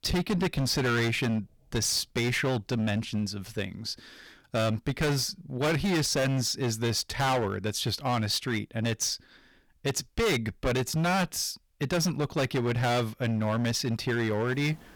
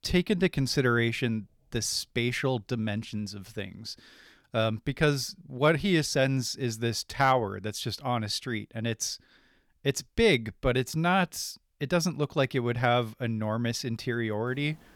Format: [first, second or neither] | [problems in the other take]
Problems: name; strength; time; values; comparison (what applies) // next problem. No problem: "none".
second | distortion; heavy; 17% of the sound clipped